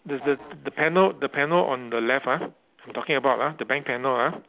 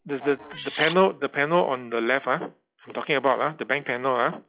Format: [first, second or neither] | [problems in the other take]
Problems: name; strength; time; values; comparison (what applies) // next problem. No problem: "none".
first | noise reduction (classical method log-MMSE)